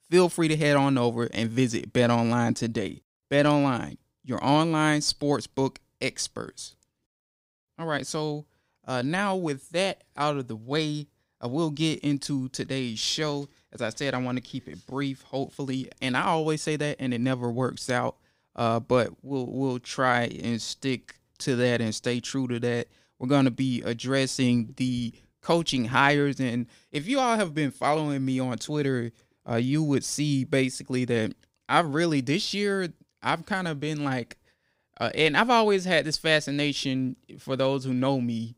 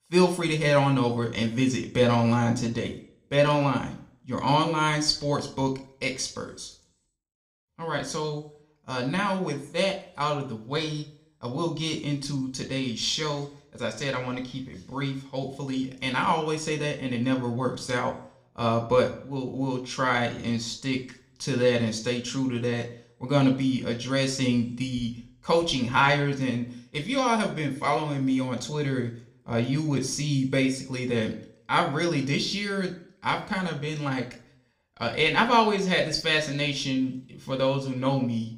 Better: first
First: none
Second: room echo; very slight; dies away in 0.4 s

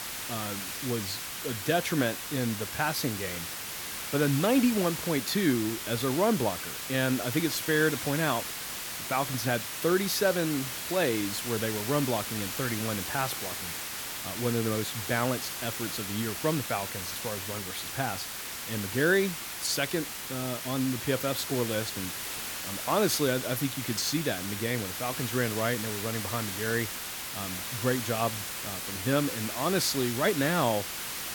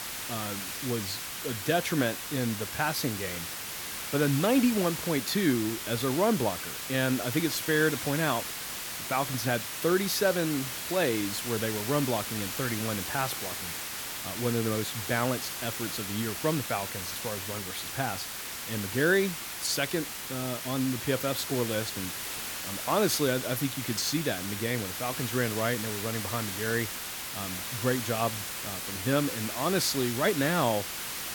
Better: neither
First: hiss; loud; throughout; 4 dB below the speech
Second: hiss; loud; throughout; 4 dB below the speech

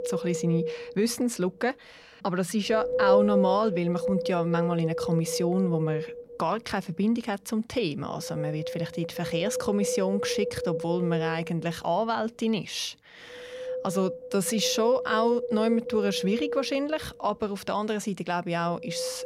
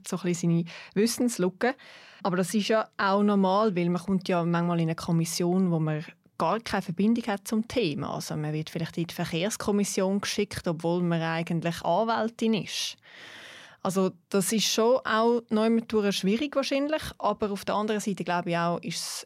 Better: second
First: wind noise on the microphone; heavy; 2 dB below the speech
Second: none

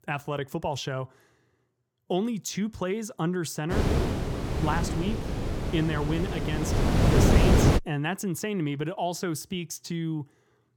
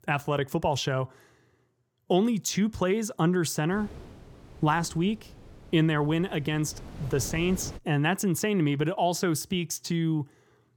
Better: second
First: wind noise on the microphone; heavy; from 3.5 to 8 s; 2 dB above the speech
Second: wind noise on the microphone; occasional gusts; from 3.5 to 8 s; 20 dB below the speech

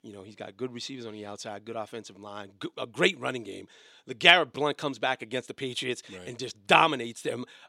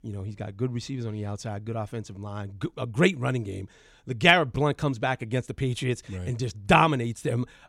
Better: second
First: thin; somewhat; fading below 300 Hz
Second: none

